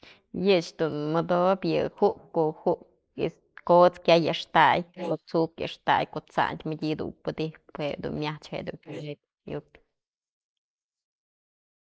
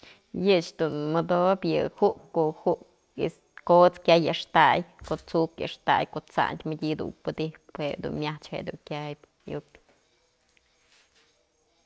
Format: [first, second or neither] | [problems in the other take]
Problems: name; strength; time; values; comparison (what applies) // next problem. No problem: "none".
second | noise reduction (neural mask model Resemble Enhance denoiser)